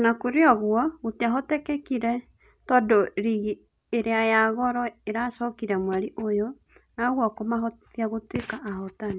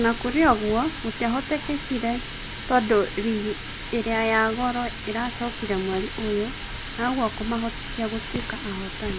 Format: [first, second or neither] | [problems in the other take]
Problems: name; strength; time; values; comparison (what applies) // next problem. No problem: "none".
first | background sound (Water tap, faucet); 8 dB below the speech